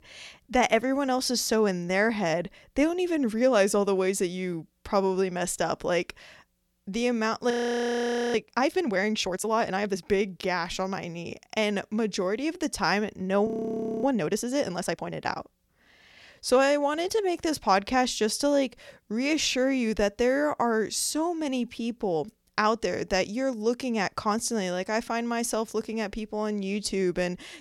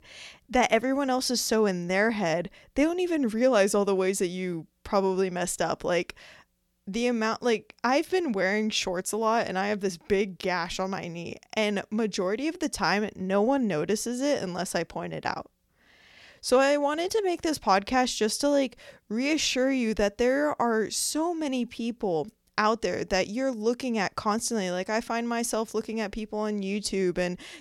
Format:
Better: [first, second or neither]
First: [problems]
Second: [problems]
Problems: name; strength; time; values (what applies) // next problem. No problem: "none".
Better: second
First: audio freezing; at 7.5 s for 1 s and at 13 s for 0.5 s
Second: none